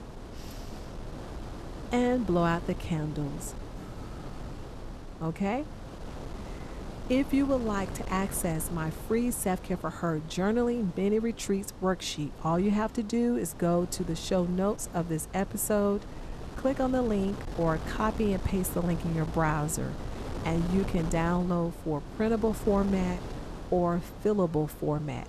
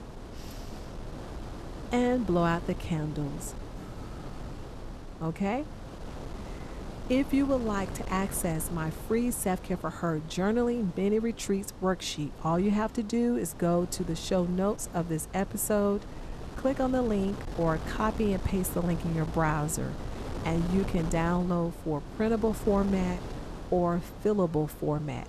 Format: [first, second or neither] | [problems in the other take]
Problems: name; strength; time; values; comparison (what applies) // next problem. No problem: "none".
neither | wind noise on the microphone; occasional gusts; 15 dB below the speech; the same in both